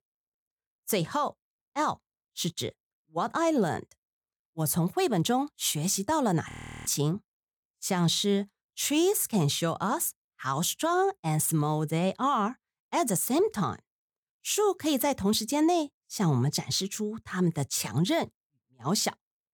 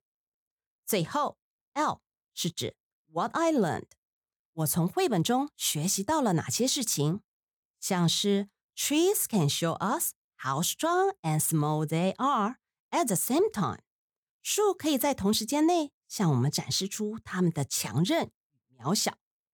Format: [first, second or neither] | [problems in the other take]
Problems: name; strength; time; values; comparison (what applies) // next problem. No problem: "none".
second | audio freezing; at 6.5 s